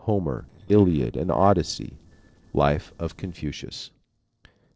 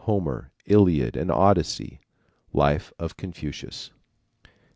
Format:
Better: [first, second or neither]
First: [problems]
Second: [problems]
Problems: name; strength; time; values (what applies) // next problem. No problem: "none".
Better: second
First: noise reduction (neural separator model SepFormer DNS4)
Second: none